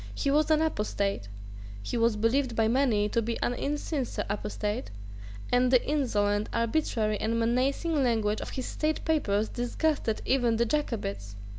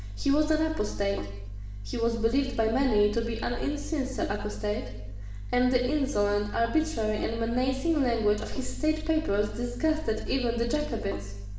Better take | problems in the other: first | background sound (Sink (filling or washing)); 20 dB below the speech // room echo; dies away in 0.9 s

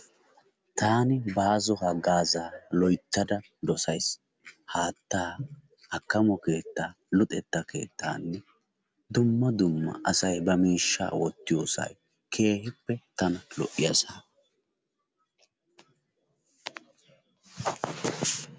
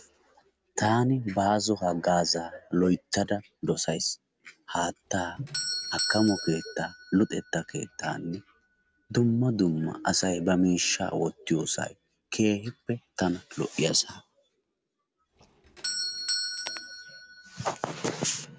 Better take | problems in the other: first | background sound (Doorbell); 12 dB below the speech

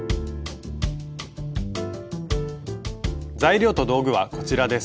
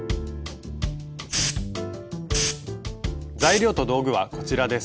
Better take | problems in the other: first | background sound (Hiss); 5 dB below the speech

